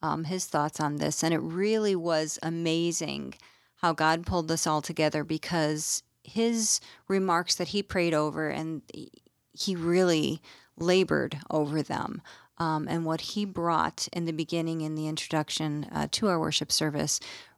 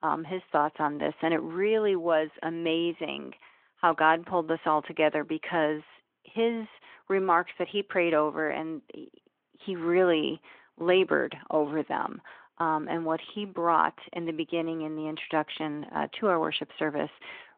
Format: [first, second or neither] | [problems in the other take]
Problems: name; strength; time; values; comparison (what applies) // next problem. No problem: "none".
first | phone-call audio